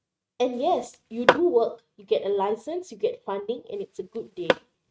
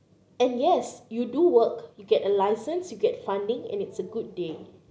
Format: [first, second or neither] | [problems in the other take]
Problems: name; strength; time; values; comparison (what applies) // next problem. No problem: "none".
second | noise reduction (neural mask model RNNoise)